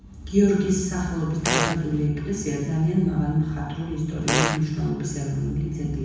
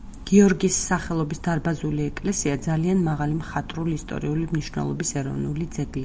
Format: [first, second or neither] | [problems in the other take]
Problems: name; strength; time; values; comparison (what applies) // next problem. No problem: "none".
second | background sound (Fart); 2 dB below the speech // room echo; dies away in 1.1 s